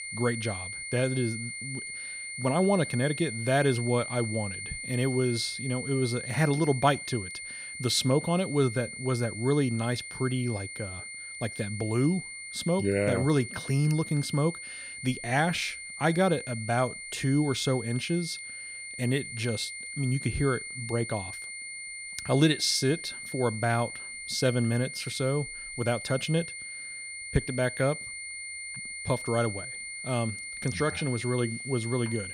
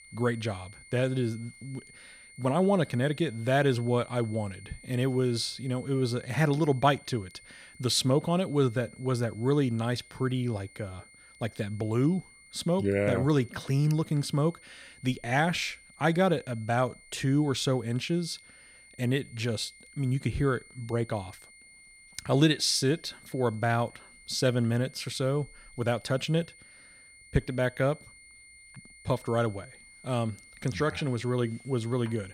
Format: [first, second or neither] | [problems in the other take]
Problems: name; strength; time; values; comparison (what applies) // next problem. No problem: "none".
second | high-pitched whine; loud; throughout; 2 kHz, 8 dB below the speech; faint in the second